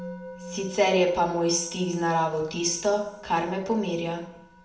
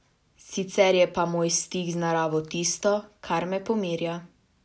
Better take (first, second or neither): second